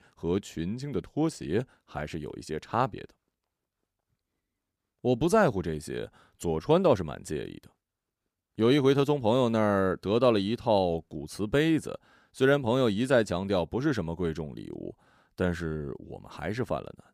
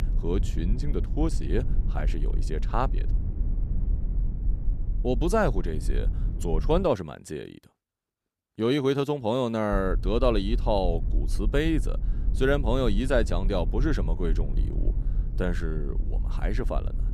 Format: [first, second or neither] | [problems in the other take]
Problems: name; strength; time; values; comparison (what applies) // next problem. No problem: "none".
first | low rumble; noticeable; until 7 s and from 9.5 s on; 20 dB below the speech